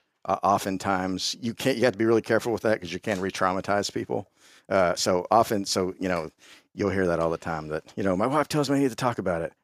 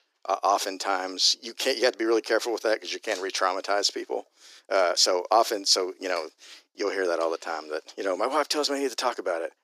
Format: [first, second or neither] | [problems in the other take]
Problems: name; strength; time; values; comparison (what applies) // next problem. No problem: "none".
first | thin; somewhat; fading below 300 Hz